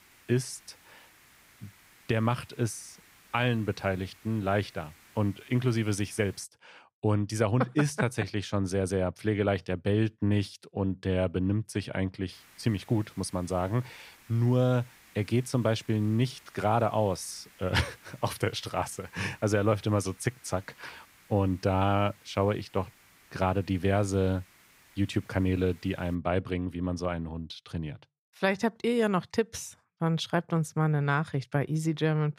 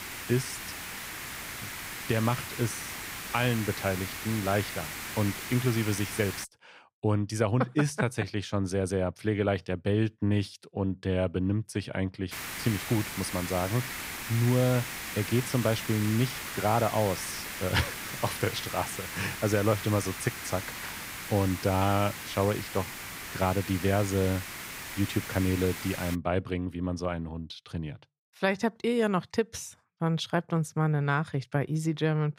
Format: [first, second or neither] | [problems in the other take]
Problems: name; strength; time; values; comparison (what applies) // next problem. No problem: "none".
first | hiss; loud; until 6.5 s and from 12 to 26 s; 7 dB below the speech; faint in the first